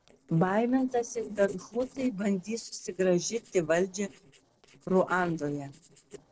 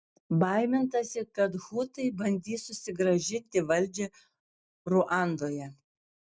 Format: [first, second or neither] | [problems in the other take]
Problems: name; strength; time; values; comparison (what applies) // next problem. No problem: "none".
second | noise reduction (neural separator model SepFormer DNS4)